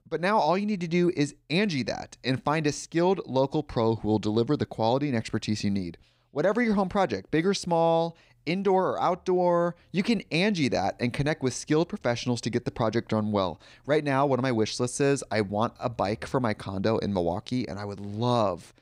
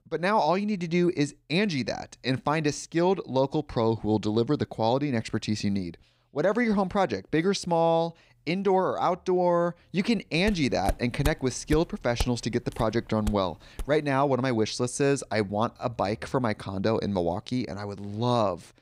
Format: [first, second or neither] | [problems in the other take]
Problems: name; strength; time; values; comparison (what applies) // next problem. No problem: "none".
first | footsteps; noticeable; from 10 to 14 s; peak 9 dB below the speech